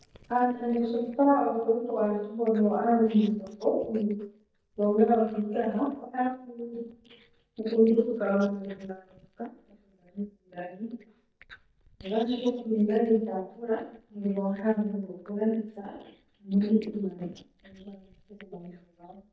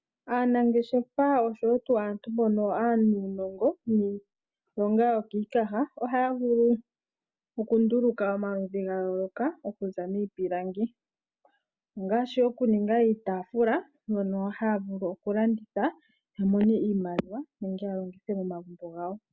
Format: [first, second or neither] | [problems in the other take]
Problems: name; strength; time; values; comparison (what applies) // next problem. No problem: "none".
second | noise reduction (neural mask model DeepFilterNet 3)